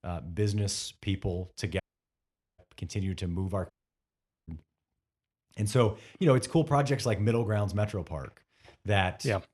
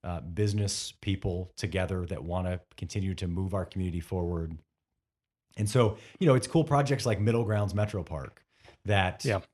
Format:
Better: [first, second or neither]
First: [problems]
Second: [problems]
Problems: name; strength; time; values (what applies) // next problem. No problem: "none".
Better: second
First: audio cutting out; at 2 s for 1 s and at 3.5 s for 1 s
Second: none